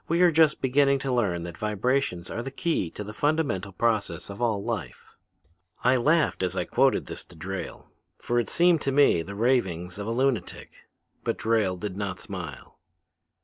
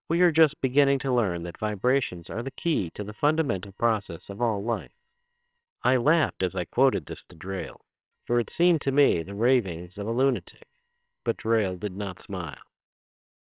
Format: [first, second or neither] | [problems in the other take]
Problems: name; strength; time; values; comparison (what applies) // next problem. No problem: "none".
first | noise reduction (neural separator model SepFormer WHAMR!)